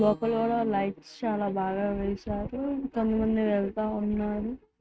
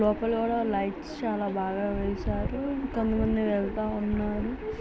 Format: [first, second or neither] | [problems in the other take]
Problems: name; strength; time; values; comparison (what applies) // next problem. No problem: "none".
second | noise reduction (neural mask model RNNoise)